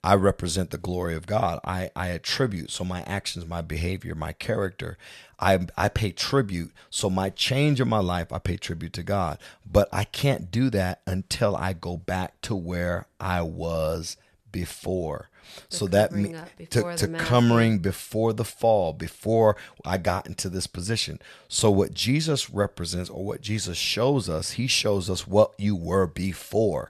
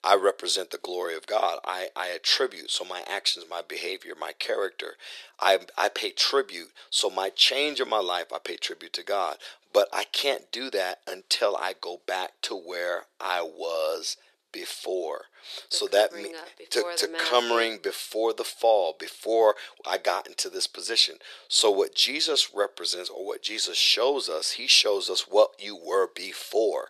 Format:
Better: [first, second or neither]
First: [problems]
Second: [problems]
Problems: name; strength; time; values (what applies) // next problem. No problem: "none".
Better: first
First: none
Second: thin; very; fading below 350 Hz